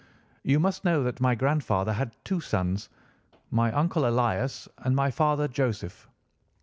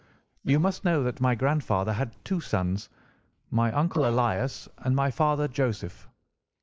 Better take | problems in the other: first | noise reduction (neural mask model Resemble Enhance denoiser)

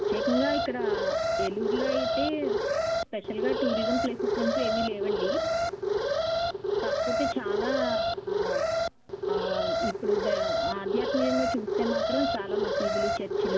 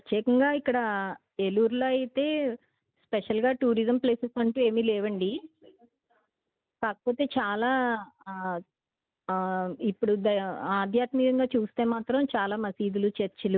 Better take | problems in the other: second | background sound (Alarm); 5 dB above the speech // room echo; dies away in 2.1 s

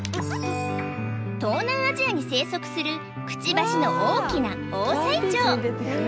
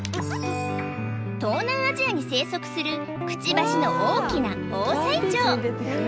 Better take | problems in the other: first | background sound (Guitar); 9 dB below the speech

